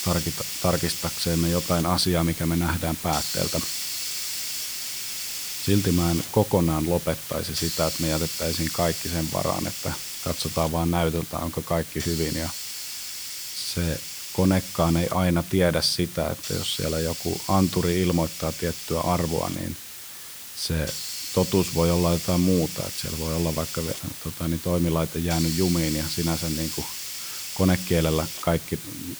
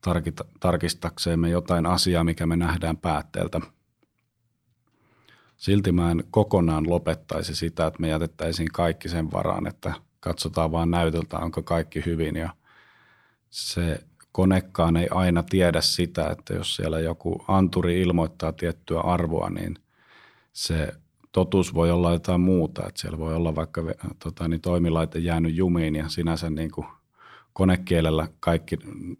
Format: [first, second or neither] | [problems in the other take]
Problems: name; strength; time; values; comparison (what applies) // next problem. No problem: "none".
second | hiss; loud; throughout; 5 dB below the speech